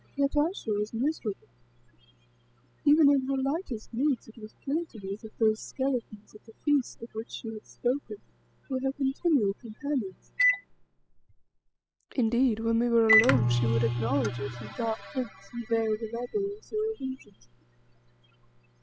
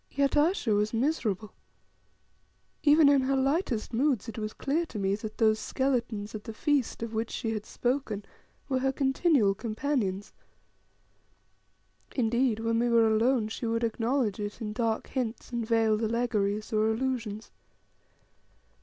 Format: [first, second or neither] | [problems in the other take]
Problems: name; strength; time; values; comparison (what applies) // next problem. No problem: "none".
second | noise reduction (classical method spectral subtraction)